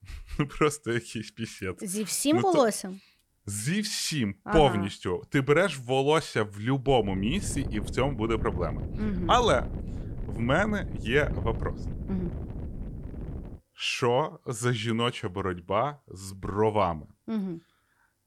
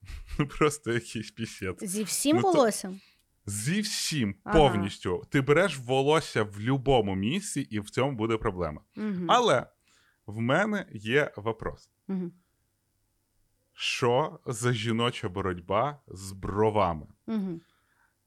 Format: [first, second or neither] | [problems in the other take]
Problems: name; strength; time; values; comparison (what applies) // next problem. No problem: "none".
second | wind noise on the microphone; occasional gusts; from 7 to 14 s; 20 dB below the speech